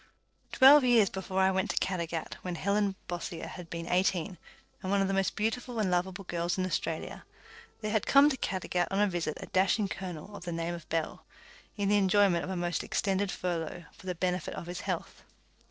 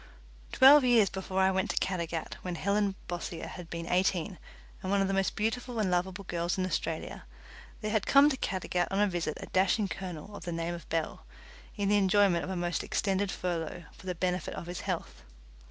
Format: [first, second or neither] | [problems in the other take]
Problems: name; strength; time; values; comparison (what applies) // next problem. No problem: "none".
second | noise reduction (neural separator model SepFormer DNS4)